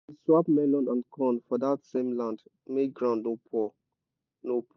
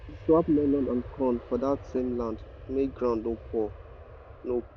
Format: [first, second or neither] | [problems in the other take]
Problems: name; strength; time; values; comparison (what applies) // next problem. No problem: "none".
first | background sound (Aircraft); 15 dB below the speech